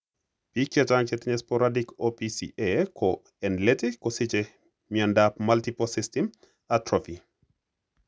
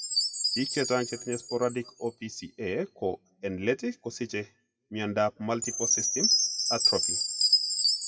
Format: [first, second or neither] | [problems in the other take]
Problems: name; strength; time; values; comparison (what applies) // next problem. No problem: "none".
first | noise reduction (classical method WPE with log-MMSE)